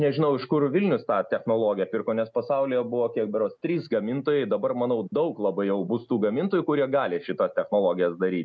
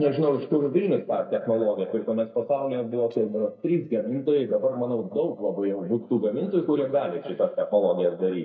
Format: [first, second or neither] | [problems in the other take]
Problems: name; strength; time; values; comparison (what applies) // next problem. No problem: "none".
first | noise reduction (neural mask model DeepFilterNet 3)